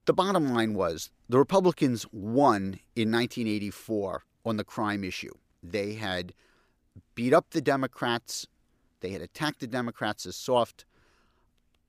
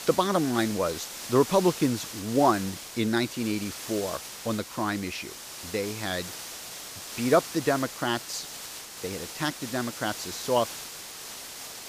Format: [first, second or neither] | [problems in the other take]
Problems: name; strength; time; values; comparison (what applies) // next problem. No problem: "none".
first | hiss; loud; throughout; 9 dB below the speech